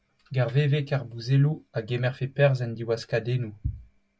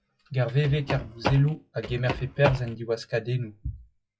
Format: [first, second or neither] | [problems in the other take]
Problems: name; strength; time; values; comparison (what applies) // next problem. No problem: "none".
first | noise reduction (classical method log-MMSE)